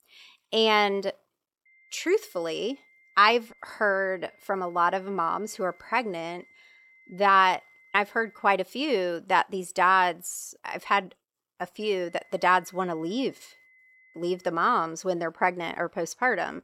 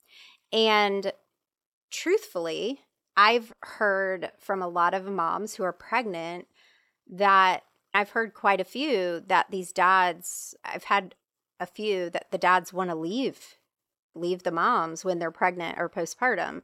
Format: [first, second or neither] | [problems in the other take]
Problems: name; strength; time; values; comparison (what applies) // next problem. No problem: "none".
second | high-pitched whine; faint; from 1.5 to 8.5 s and from 12 to 15 s; 2 kHz, 30 dB below the speech